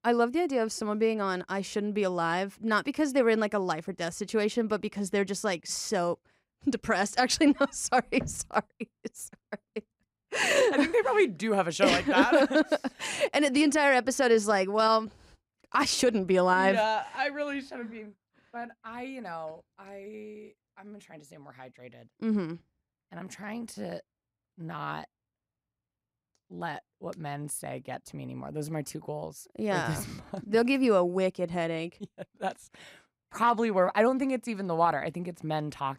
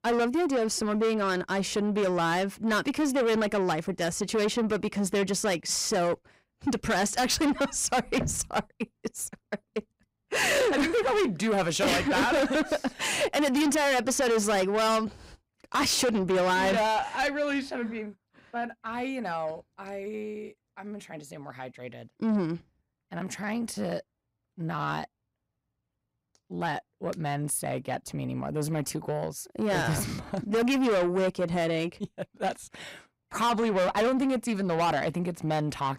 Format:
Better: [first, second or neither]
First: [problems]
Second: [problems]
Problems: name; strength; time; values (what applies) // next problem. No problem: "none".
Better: first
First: none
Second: distortion; heavy; 6 dB below the speech